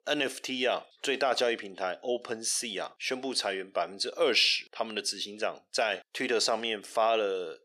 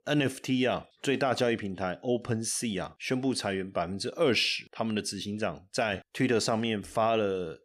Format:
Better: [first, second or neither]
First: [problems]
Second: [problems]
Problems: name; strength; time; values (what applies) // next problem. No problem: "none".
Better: second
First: thin; somewhat; fading below 500 Hz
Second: none